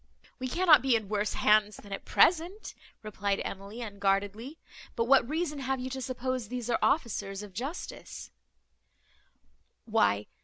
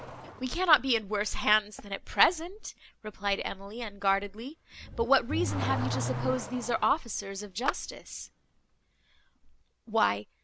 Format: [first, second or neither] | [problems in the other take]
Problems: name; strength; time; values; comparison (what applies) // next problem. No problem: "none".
first | background sound (Clapping + Accelerating, revving, vroom / Car); 9 dB below the speech